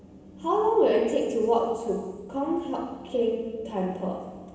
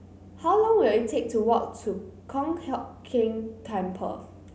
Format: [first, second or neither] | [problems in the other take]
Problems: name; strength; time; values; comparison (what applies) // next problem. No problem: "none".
second | room echo; dies away in 1.2 s